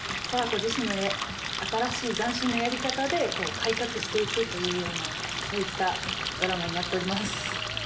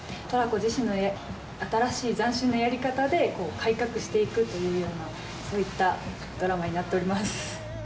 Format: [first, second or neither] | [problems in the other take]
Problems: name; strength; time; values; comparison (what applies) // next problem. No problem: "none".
second | background sound (Water tap, faucet); 2 dB below the speech